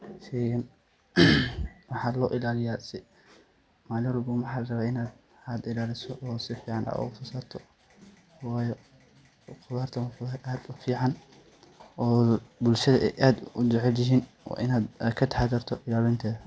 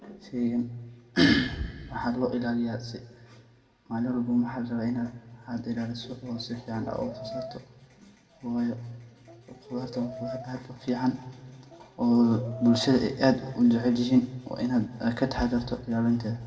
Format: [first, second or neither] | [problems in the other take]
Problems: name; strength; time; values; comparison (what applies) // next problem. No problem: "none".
first | background sound (Brass instrument); 13 dB below the speech // room echo; dies away in 1.1 s